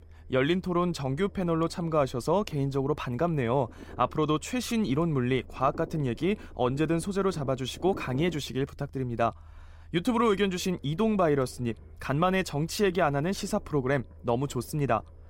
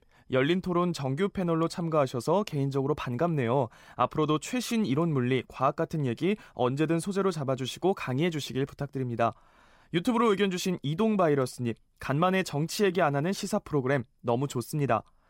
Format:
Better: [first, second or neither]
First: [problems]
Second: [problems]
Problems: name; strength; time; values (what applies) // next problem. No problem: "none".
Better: second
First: low rumble; faint; throughout; 25 dB below the speech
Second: none